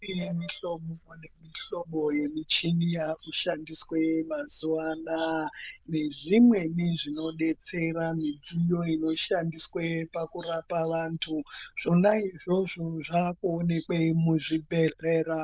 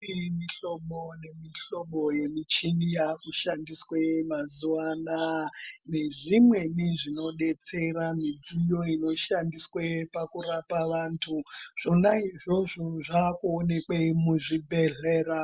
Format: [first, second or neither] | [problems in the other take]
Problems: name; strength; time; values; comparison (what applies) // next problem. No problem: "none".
second | noise reduction (neural diffusion model UNIVERSE++)